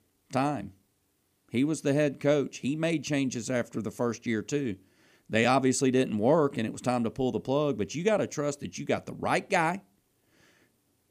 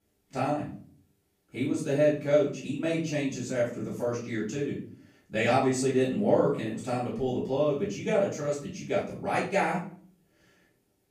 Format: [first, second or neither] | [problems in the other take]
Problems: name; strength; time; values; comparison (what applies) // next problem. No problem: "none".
first | off-mic speech; far // room echo; noticeable; dies away in 0.4 s